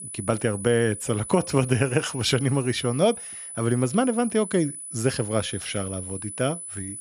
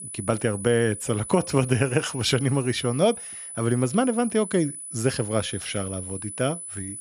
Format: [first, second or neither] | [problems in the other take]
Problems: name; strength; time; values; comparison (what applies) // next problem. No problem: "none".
neither | high-pitched whine; loud; throughout; 10 kHz, 10 dB below the speech; the same in both